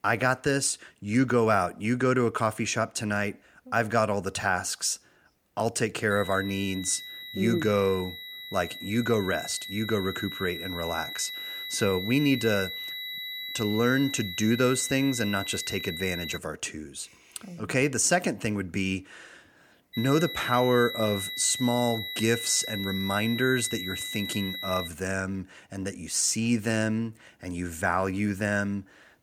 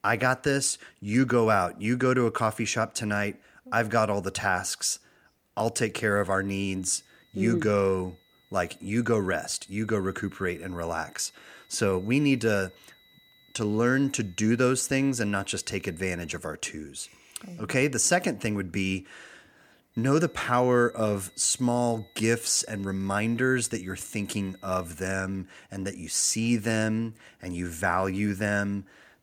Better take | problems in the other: second | high-pitched whine; loud; from 6 to 16 s and from 20 to 25 s; 4 kHz, 7 dB below the speech; faint in the second

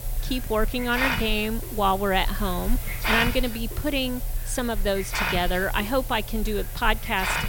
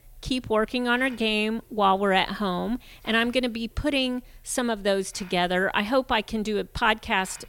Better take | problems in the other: second | hiss; loud; throughout; 4 dB below the speech; faint in the second

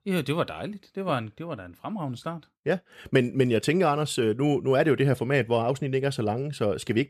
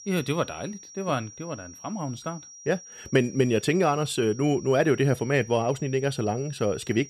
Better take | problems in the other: first | high-pitched whine; noticeable; throughout; 5.5 kHz, 20 dB below the speech

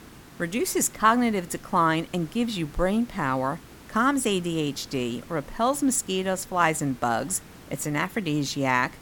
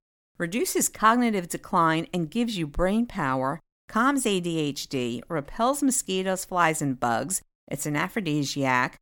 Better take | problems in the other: second | hiss; faint; throughout; 20 dB below the speech

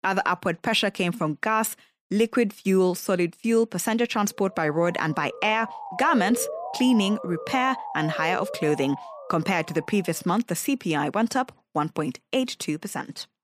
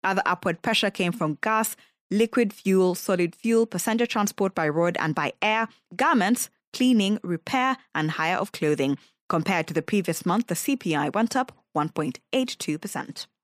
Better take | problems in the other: second | siren; noticeable; from 4.5 to 10 s; peak 7 dB below the speech

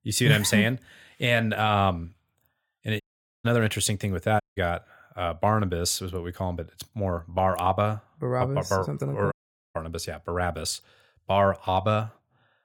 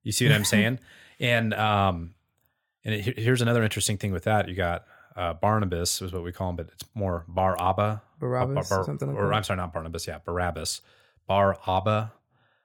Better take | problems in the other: second | audio cutting out; at 3 s, at 4.5 s and at 9.5 s

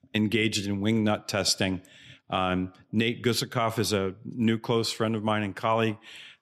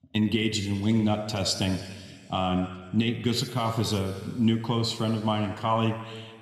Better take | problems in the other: first | room echo; noticeable; dies away in 1.9 s

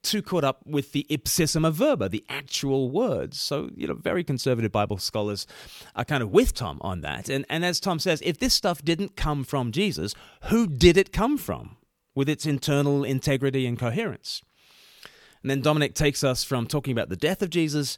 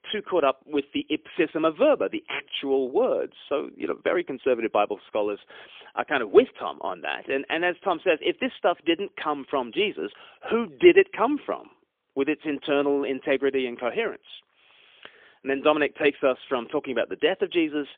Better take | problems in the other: first | phone-call audio; poor line; nothing above 3.5 kHz

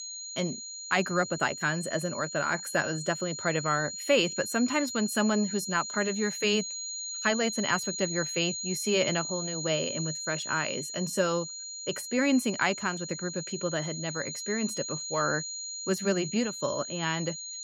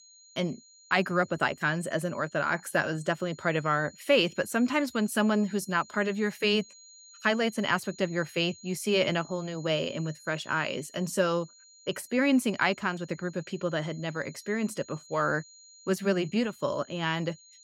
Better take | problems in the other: second | high-pitched whine; loud; throughout; 7 kHz, 5 dB below the speech; faint in the second

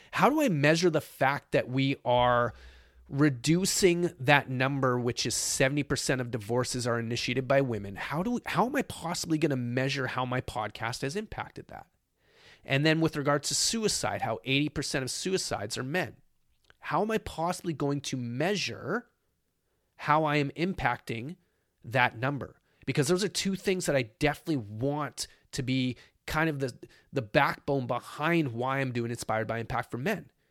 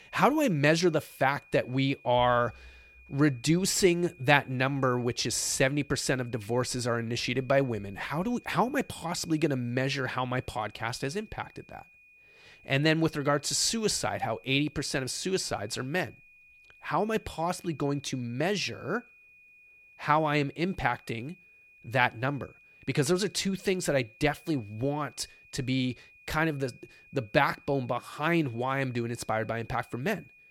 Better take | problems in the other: first | high-pitched whine; faint; throughout; 2.5 kHz, 25 dB below the speech

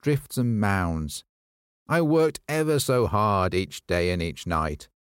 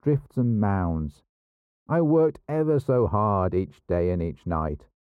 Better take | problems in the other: first | muffled; very; fading above 2 kHz

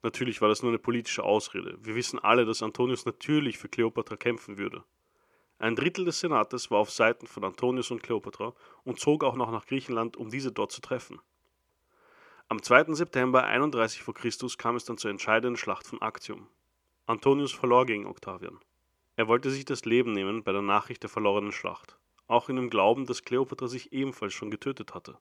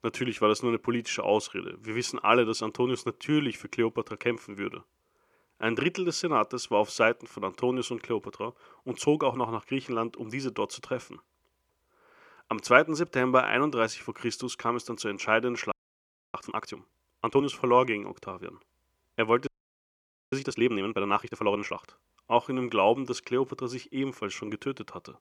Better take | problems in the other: first | audio freezing; at 16 s for 0.5 s and at 19 s for 1 s

